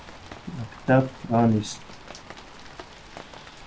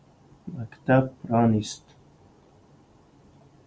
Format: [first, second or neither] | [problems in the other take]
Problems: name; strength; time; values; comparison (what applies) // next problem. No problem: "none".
second | background sound (Rain); 16 dB below the speech